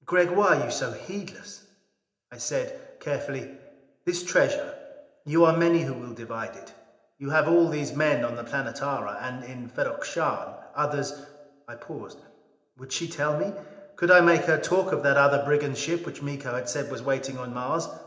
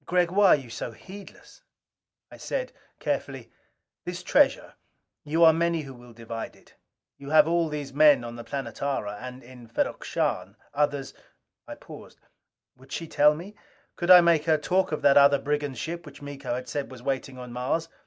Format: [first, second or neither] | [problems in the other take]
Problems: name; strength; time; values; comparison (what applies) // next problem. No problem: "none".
second | room echo; dies away in 0.8 s